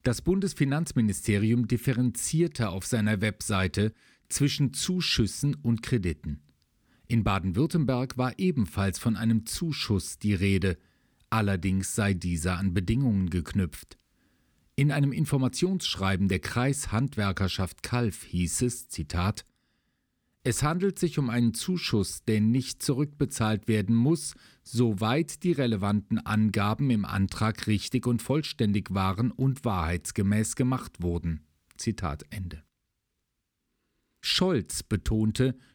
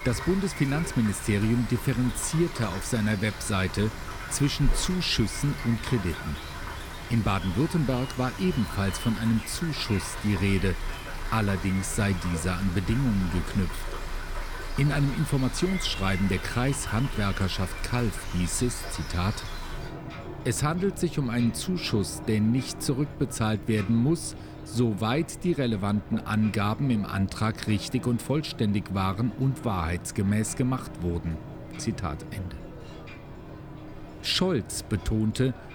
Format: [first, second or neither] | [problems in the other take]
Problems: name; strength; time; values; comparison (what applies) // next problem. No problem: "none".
first | rain or running water; noticeable; throughout; 10 dB below the speech